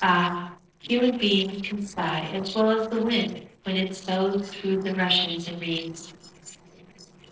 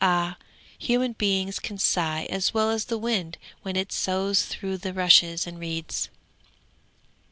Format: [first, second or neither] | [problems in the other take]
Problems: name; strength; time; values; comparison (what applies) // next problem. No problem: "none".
second | noise reduction (neural separator model SepFormer DNS4)